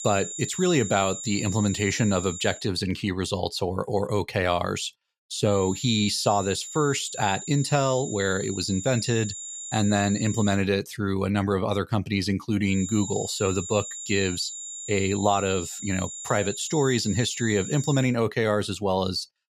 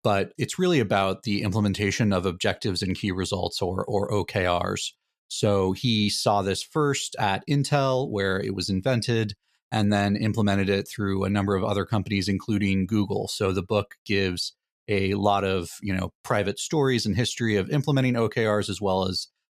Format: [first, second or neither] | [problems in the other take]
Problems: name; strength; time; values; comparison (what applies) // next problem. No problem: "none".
second | high-pitched whine; loud; until 2.5 s, from 5.5 to 11 s and from 13 to 18 s; 7 kHz, 9 dB below the speech